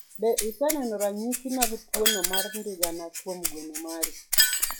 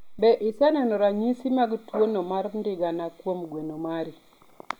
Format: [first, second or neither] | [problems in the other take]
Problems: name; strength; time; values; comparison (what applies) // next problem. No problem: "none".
second | noise reduction (classical method log-MMSE)